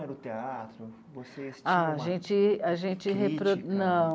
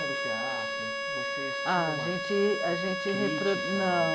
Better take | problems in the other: first | background sound (Bowed string instrument); 1 dB below the speech

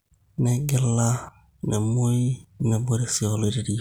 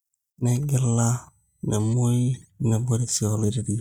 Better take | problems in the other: first | noise reduction (neural mask model DeepFilterNet 3)

